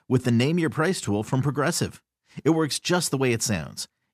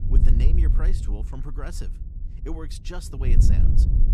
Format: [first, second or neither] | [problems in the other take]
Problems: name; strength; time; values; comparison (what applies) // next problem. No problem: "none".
first | wind noise on the microphone; heavy; 1 dB above the speech